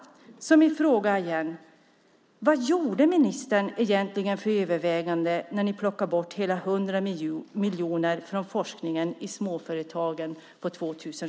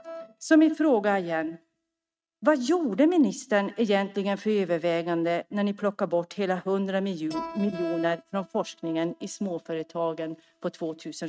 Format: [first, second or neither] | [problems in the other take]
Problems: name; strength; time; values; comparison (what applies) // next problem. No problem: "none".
first | noise reduction (neural mask model RNNoise)